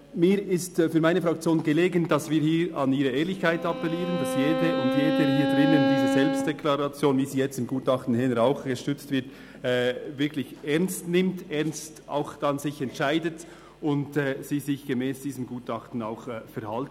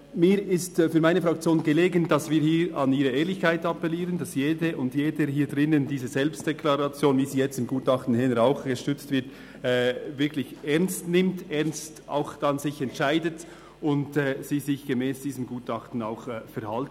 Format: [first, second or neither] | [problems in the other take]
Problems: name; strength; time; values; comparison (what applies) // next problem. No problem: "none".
second | background sound (Bowed string instrument); as loud as the speech